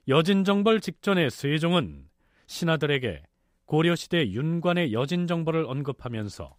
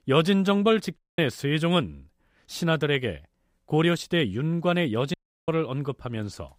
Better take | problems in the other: first | audio cutting out; at 1 s and at 5 s

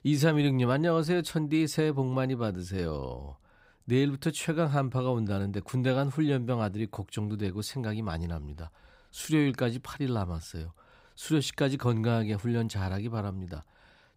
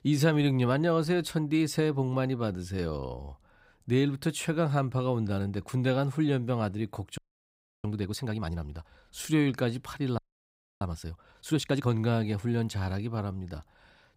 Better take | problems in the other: first | audio freezing; at 7 s for 0.5 s and at 10 s for 0.5 s

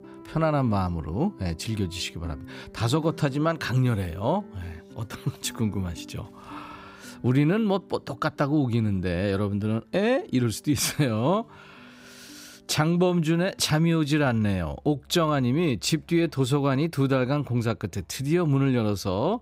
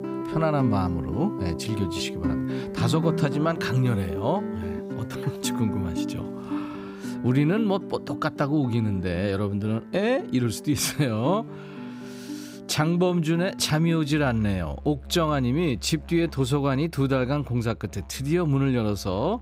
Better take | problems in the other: first | background music; loud; throughout; 8 dB below the speech; faint in the first

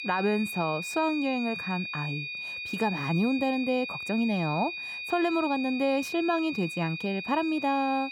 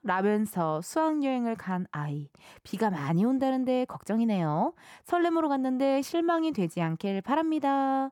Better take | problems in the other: second | high-pitched whine; loud; throughout; 2.5 kHz, 5 dB below the speech

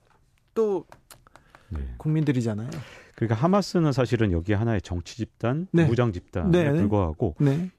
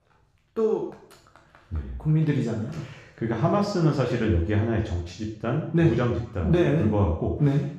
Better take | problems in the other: first | room echo; noticeable; dies away in 0.6 s // off-mic speech; far

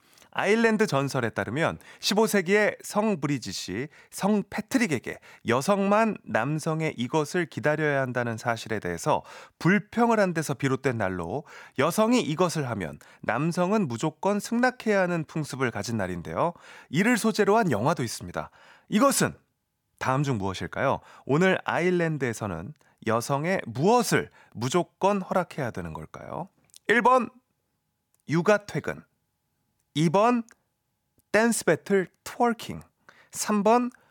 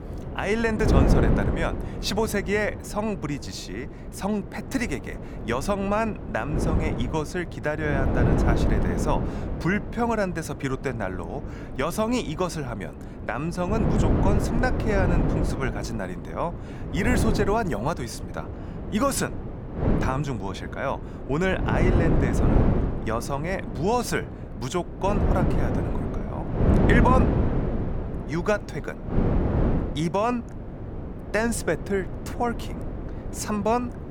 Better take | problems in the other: first | wind noise on the microphone; heavy; 5 dB below the speech

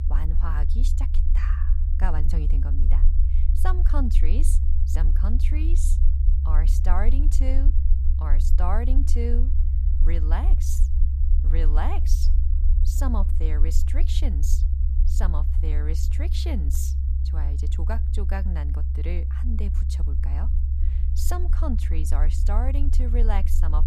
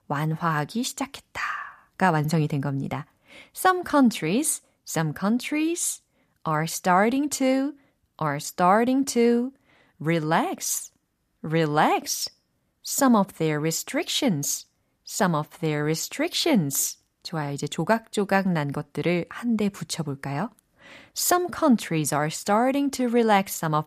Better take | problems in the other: second | low rumble; loud; throughout; 6 dB below the speech

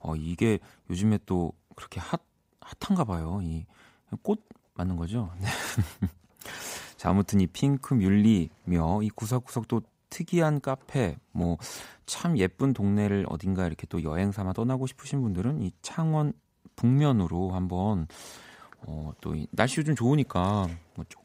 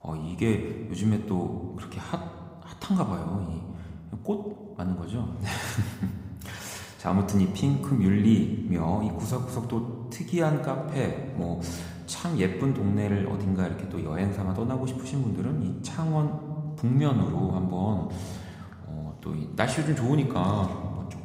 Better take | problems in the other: first | room echo; slight; dies away in 1.3 s

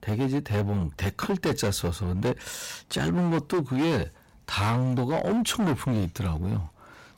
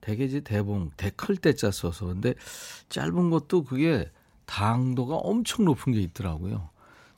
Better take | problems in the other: second | distortion; heavy; 18% of the sound clipped

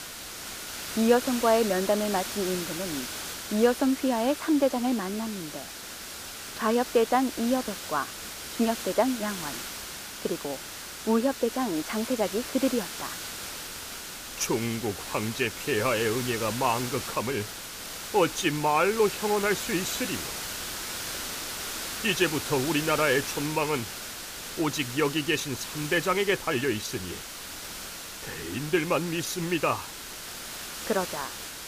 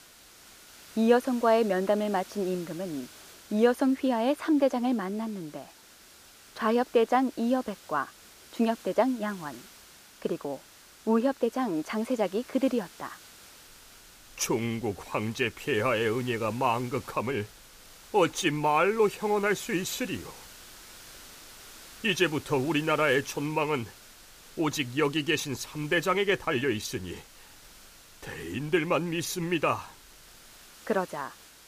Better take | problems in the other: second | hiss; loud; throughout; 7 dB below the speech; faint in the second

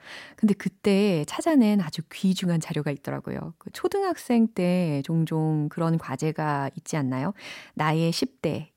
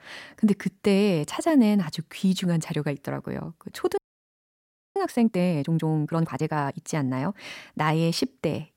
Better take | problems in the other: first | audio freezing; at 4 s for 1 s

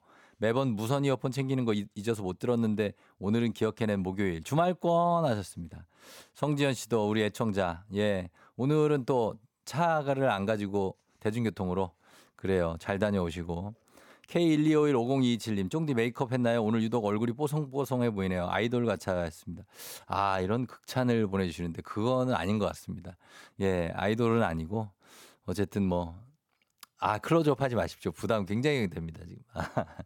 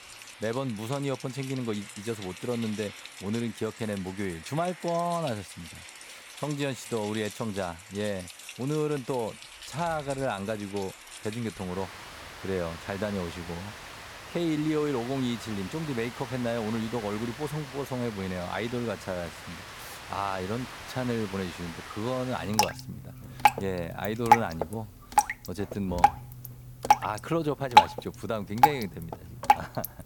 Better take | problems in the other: first | rain or running water; very loud; throughout; 1 dB above the speech

